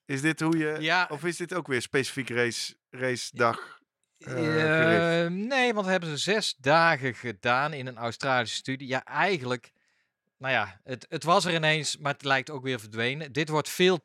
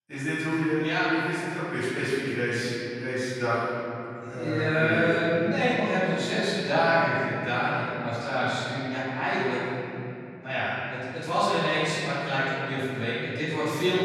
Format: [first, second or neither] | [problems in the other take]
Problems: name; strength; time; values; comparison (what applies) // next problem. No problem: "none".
first | room echo; strong; dies away in 3 s // off-mic speech; far